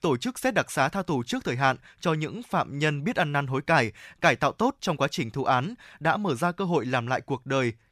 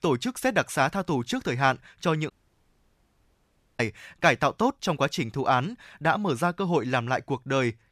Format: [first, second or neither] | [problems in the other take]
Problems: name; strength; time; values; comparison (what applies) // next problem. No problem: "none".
first | audio cutting out; at 2.5 s for 1.5 s